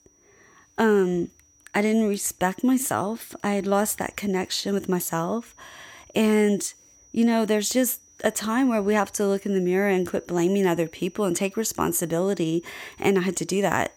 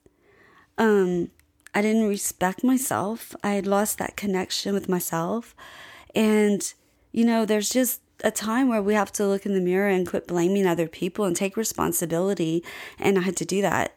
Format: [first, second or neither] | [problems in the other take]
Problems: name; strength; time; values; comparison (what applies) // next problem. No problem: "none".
second | high-pitched whine; faint; throughout; 6 kHz, 30 dB below the speech